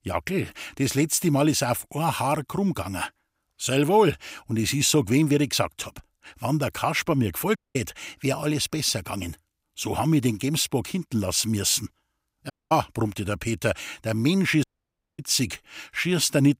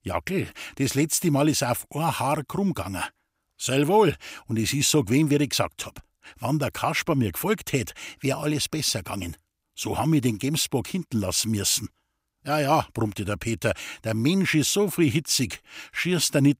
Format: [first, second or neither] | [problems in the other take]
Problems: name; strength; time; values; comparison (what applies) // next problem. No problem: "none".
second | audio cutting out; at 7.5 s, at 13 s and at 15 s for 0.5 s